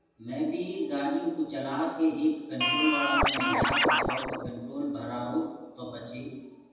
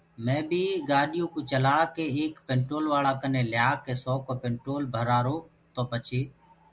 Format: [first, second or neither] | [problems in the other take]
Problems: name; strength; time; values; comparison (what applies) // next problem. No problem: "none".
second | background sound (Scratching (performance technique)); 5 dB above the speech // room echo; dies away in 1.1 s